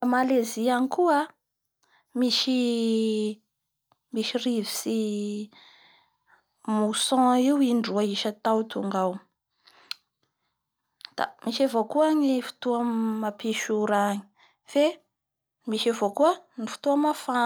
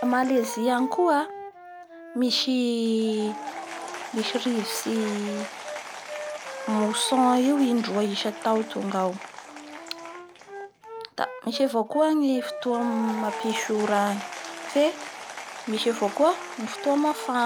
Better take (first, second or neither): first